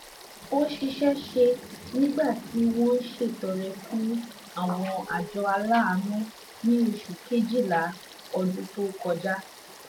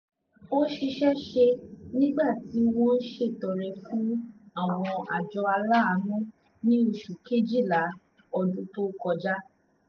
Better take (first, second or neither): second